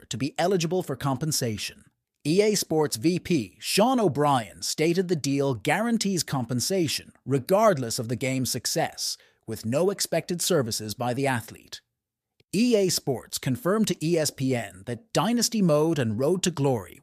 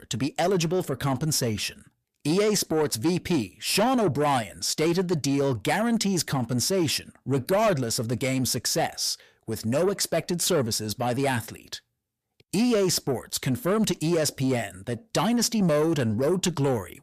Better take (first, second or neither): first